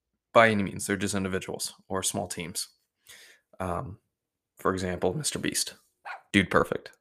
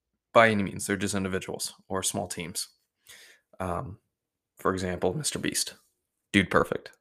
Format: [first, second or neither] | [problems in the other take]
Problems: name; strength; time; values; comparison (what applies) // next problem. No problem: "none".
second | dog barking; faint; at 6 s; peak 15 dB below the speech